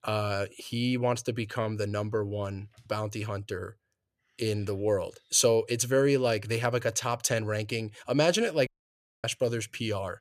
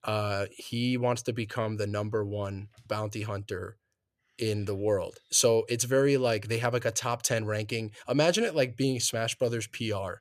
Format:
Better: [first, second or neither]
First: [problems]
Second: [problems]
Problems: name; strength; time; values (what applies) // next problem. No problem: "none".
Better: second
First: audio cutting out; at 8.5 s for 0.5 s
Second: none